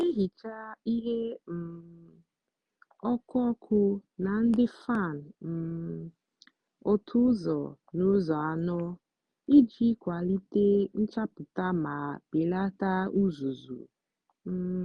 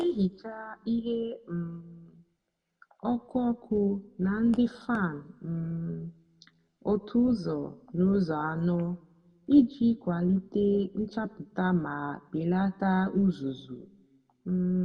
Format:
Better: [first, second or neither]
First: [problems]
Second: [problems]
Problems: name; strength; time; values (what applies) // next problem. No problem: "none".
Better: first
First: none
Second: room echo; dies away in 0.5 s